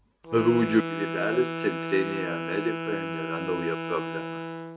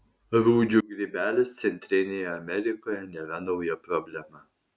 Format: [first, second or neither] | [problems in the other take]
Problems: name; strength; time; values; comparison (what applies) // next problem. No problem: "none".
second | background sound (Wind instrument, woodwind instrument); 4 dB below the speech